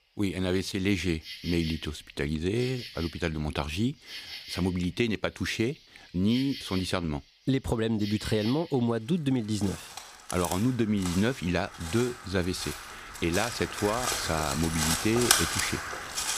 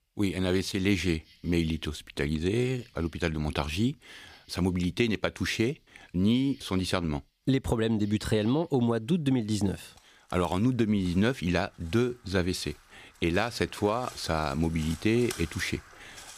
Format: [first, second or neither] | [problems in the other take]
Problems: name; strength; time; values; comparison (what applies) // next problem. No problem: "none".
second | animal sounds; loud; throughout; 4 dB below the speech; faint in the second